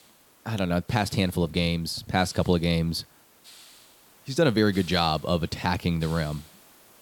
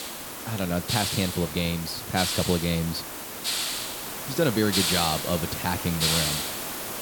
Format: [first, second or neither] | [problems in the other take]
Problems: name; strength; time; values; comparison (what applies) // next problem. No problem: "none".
first | hiss; loud; throughout; 1 dB below the speech; faint in the first